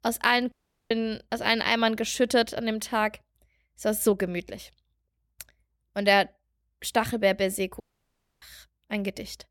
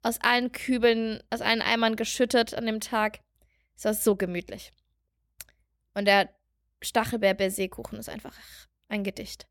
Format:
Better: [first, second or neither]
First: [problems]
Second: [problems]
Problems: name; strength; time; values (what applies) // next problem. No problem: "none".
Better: second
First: audio cutting out; at 0.5 s and at 8 s for 0.5 s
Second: none